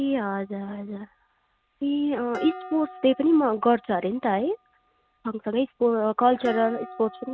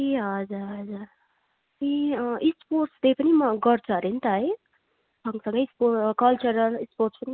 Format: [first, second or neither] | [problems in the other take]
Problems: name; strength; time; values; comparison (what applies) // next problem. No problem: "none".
second | background sound (Dishes, pots, and pans); 18 dB below the speech